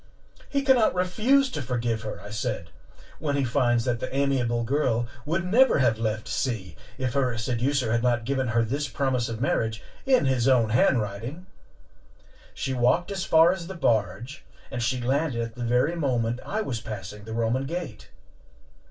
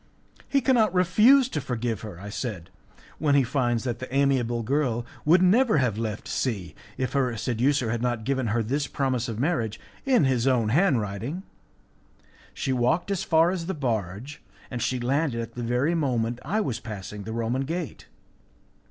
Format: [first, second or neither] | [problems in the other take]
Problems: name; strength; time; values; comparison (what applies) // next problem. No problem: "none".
second | room echo; dies away in 0.2 s